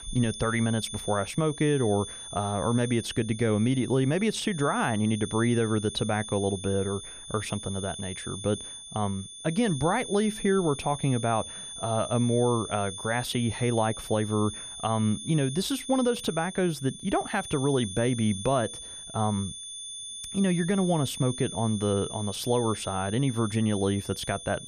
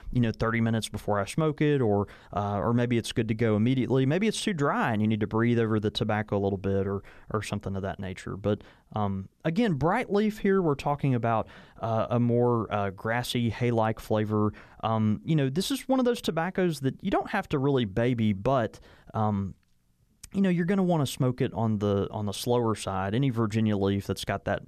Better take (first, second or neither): second